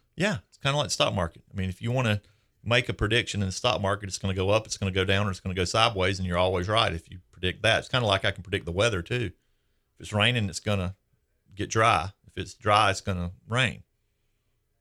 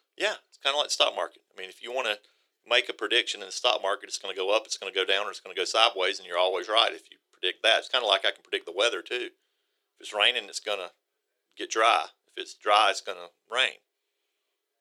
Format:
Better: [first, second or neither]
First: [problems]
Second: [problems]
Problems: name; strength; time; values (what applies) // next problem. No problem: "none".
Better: first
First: none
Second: thin; very; fading below 350 Hz